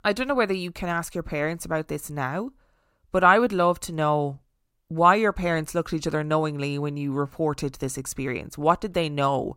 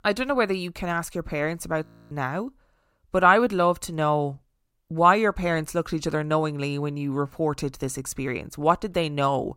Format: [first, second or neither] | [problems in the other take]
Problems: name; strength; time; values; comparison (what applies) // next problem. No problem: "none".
first | audio freezing; at 2 s